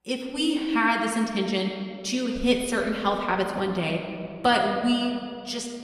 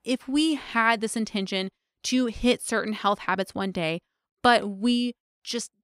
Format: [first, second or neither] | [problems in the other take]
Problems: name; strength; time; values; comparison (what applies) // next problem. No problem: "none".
second | room echo; slight; dies away in 2.2 s // off-mic speech; somewhat distant